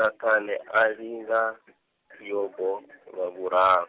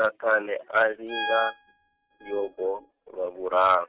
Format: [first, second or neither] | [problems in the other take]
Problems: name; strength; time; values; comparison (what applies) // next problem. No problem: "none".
first | noise reduction (neural mask model RNNoise)